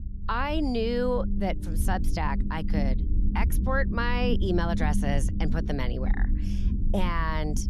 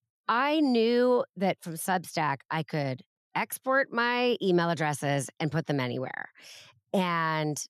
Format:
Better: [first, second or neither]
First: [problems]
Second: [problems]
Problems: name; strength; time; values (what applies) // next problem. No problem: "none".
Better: second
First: low rumble; noticeable; throughout; 10 dB below the speech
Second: none